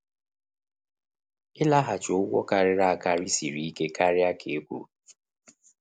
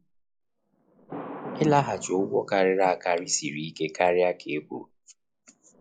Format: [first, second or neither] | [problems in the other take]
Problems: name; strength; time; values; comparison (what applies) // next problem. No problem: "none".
first | noise reduction (classical method log-MMSE)